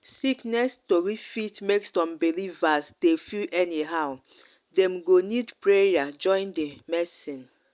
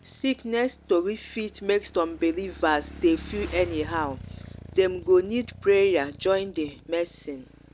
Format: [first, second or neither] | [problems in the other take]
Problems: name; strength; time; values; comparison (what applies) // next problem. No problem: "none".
first | background sound (Motorcycle / Engine); 17 dB below the speech